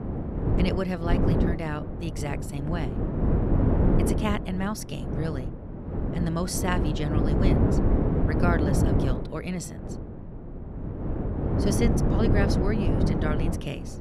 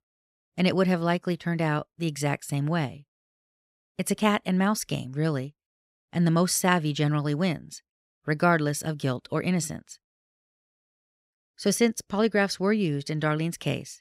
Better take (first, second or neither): second